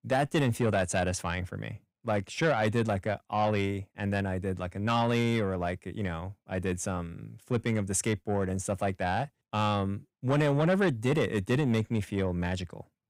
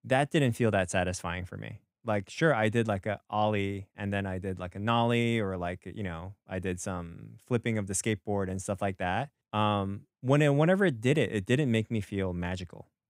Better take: second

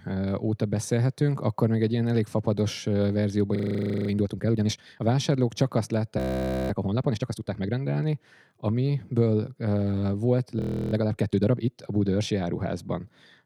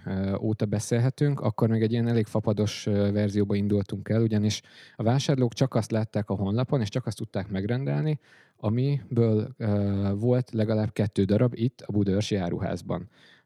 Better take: second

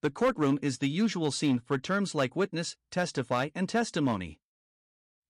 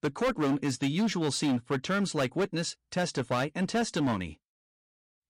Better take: first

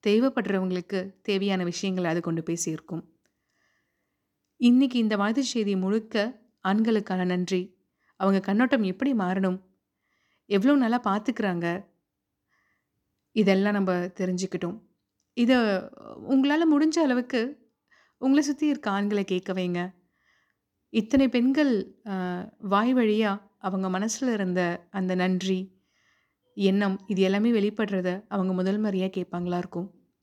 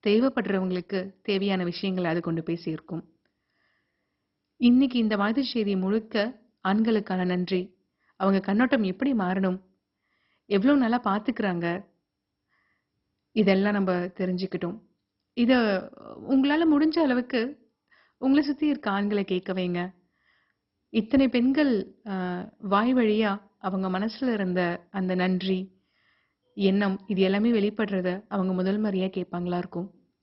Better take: first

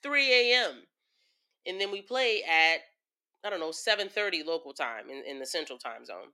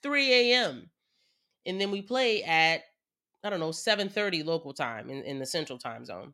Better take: second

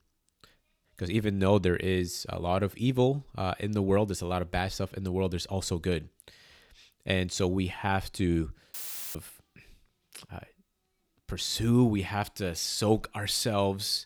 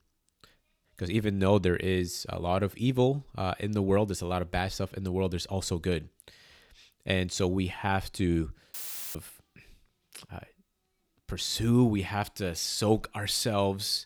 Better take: neither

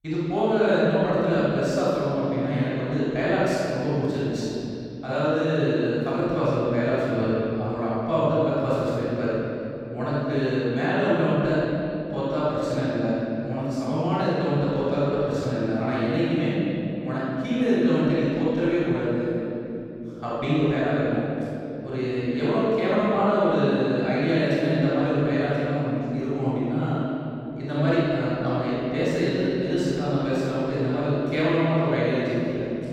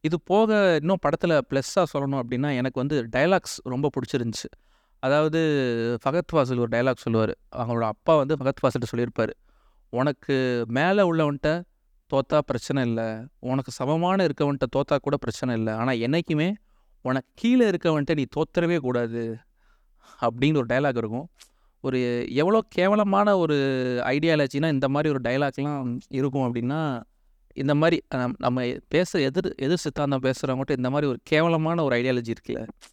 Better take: second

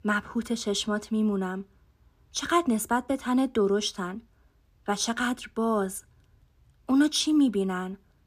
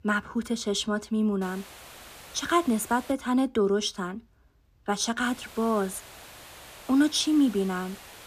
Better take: first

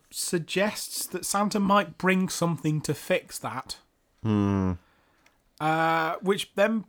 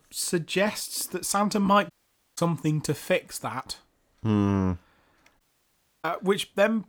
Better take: first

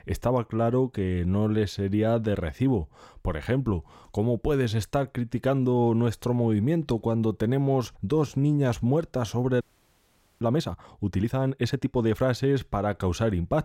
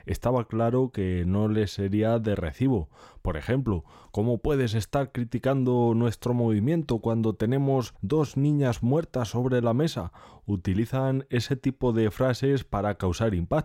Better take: second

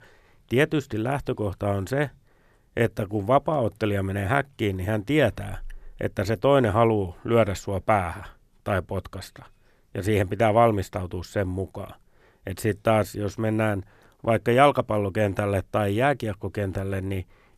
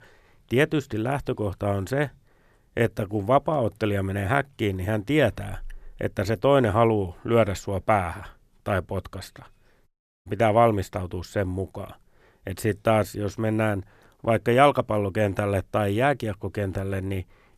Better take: first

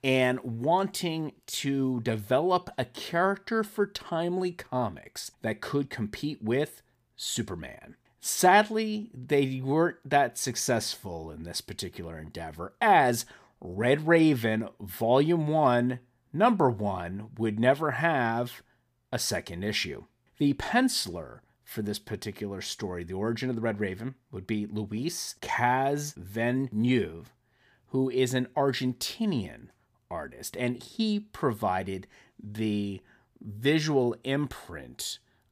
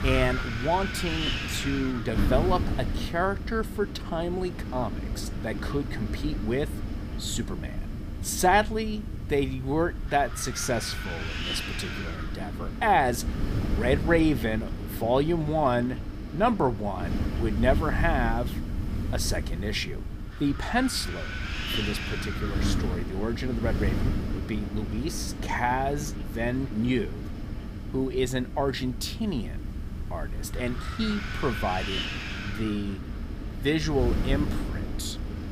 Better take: first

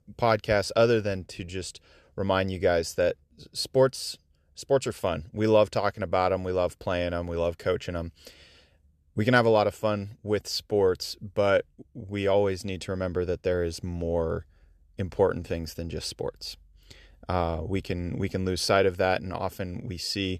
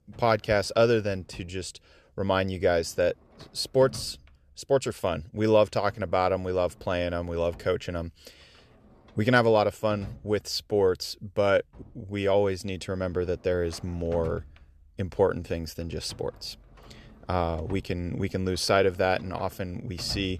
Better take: first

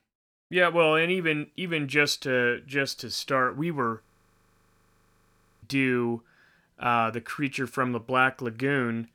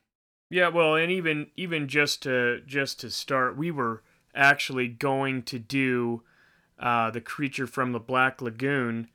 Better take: second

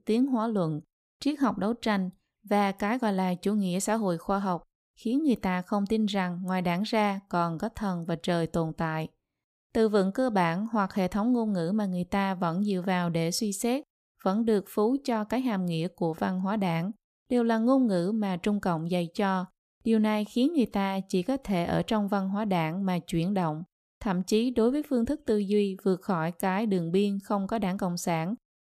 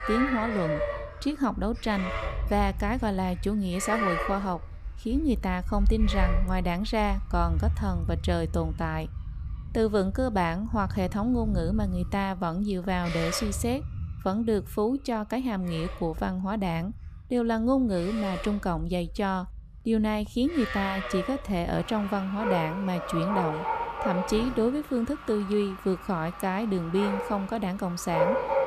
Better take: first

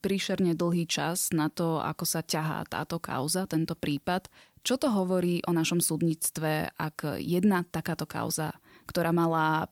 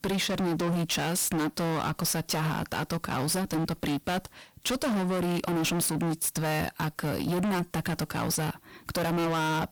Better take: first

